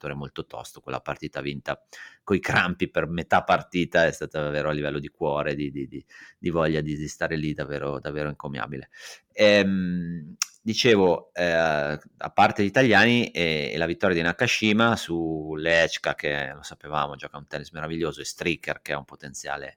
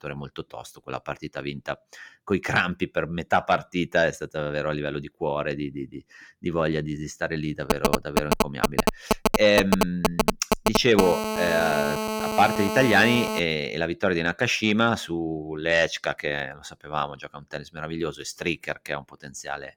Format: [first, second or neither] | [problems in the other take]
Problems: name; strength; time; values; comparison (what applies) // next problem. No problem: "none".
first | phone ringing; loud; from 7.5 to 13 s; peak 1 dB above the speech